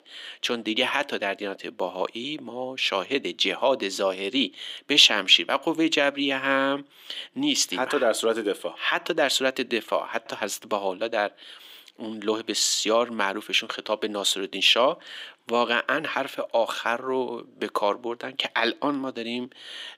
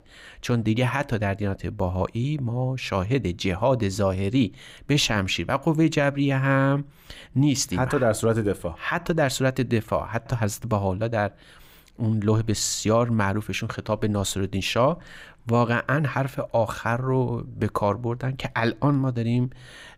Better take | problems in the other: second | thin; somewhat; fading below 300 Hz

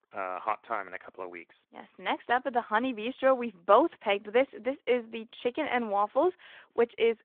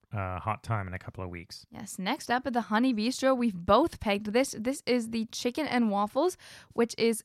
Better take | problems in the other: second | phone-call audio

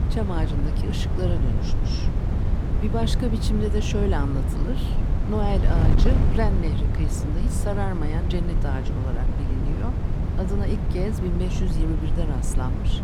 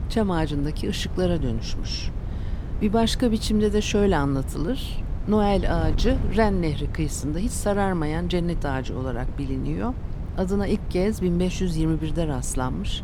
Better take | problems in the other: second | wind noise on the microphone; heavy; 3 dB below the speech; occasional gusts in the second

